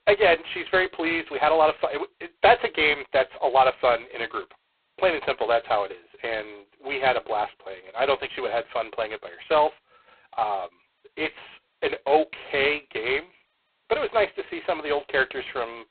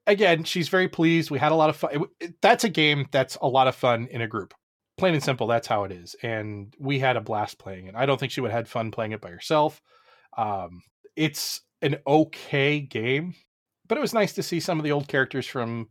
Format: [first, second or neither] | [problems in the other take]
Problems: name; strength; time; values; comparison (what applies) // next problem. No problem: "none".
second | phone-call audio; poor line; nothing above 4 kHz